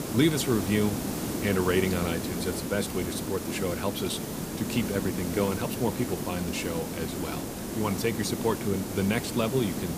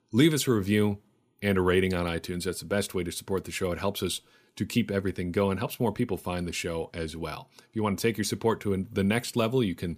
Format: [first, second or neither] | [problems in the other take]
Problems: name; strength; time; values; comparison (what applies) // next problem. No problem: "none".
second | hiss; loud; throughout; 3 dB below the speech